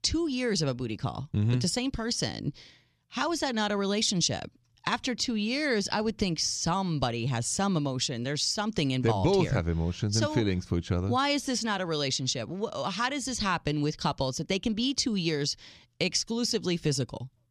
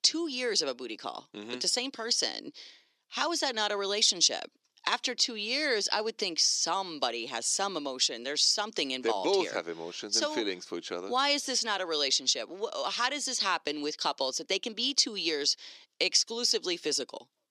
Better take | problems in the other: first | thin; somewhat; fading below 350 Hz

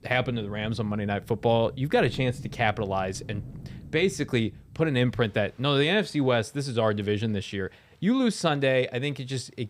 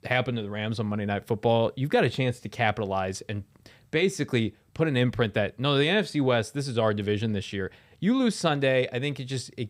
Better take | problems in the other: second | rain or running water; noticeable; throughout; 20 dB below the speech

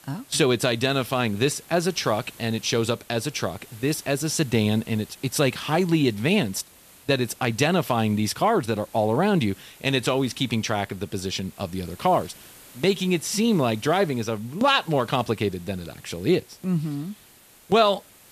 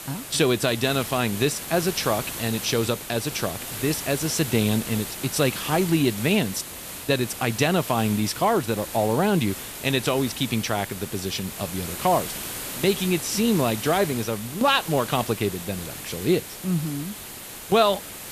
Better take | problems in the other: first | hiss; loud; throughout; 9 dB below the speech; faint in the first

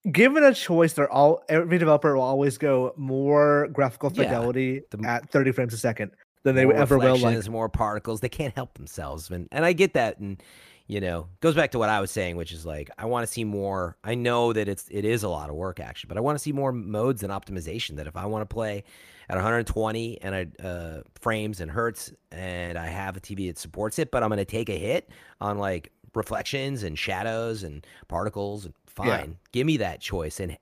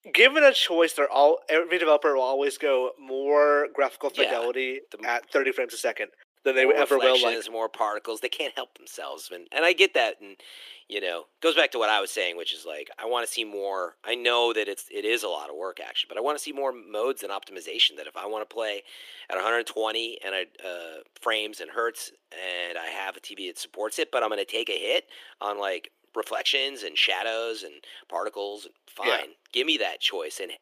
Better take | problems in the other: first | thin; very; fading below 350 Hz

